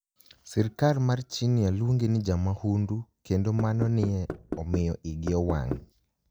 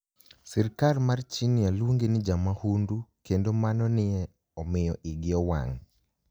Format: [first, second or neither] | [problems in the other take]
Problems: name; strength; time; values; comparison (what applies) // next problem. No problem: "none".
second | background sound (Knock); 9 dB below the speech